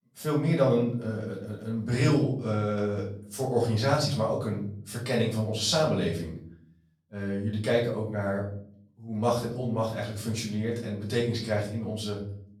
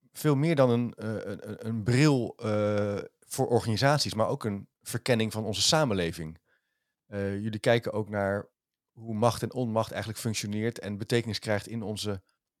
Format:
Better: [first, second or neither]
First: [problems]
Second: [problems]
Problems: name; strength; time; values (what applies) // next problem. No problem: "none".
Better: second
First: off-mic speech; far // room echo; slight; dies away in 0.6 s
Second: none